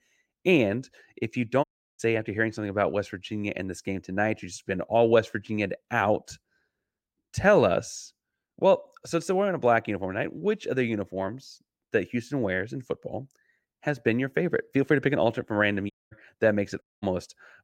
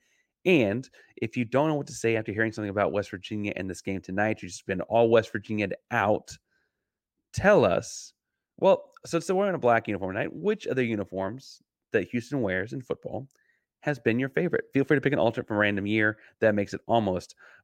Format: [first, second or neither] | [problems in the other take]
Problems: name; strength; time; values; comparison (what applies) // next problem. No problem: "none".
second | audio cutting out; at 1.5 s, at 16 s and at 17 s